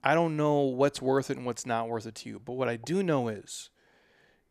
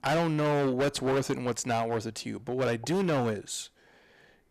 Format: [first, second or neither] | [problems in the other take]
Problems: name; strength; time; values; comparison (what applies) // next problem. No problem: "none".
first | distortion; heavy; 15% of the sound clipped